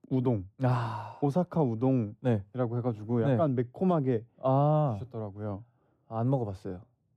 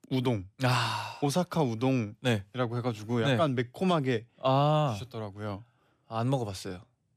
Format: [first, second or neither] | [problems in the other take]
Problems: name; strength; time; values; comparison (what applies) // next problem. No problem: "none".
second | muffled; very; fading above 1.5 kHz